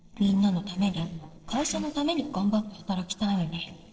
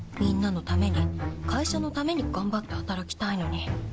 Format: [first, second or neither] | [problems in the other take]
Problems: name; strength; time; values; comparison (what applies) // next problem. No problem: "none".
second | noise reduction (neural separator model SepFormer DNS4)